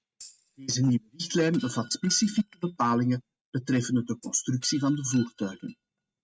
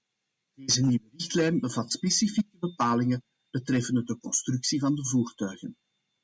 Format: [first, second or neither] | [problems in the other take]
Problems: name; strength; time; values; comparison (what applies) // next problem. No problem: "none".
second | noise reduction (neural mask model RNNoise)